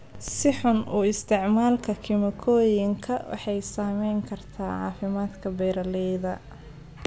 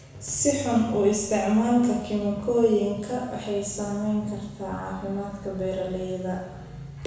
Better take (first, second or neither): first